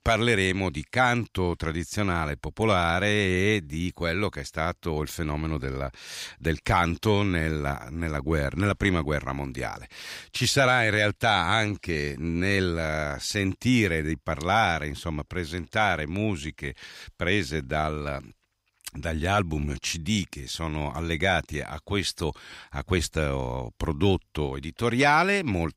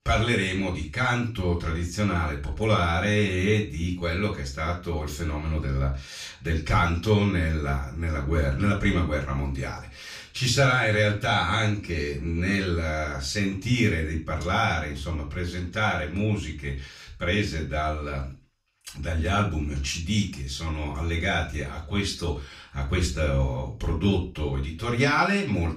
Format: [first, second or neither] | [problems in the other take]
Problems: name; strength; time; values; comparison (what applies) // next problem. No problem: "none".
first | room echo; slight; dies away in 0.3 s // off-mic speech; far